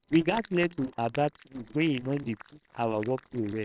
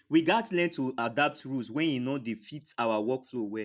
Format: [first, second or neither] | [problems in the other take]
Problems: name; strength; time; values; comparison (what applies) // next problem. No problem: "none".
second | noise reduction (neural separator model SepFormer WHAMR!)